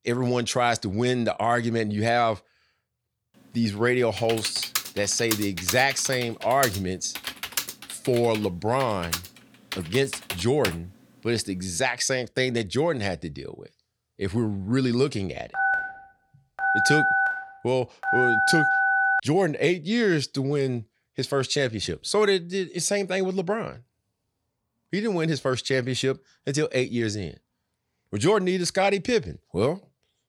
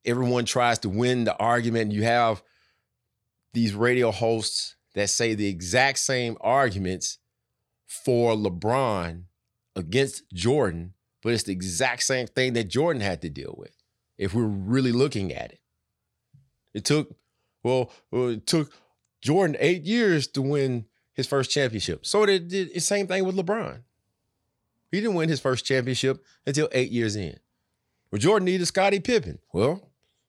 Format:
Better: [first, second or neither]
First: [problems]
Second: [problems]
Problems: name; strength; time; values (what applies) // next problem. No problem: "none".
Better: second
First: keyboard typing; noticeable; from 4 to 11 s; peak 3 dB below the speech // phone ringing; loud; from 16 to 19 s; peak 5 dB above the speech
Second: none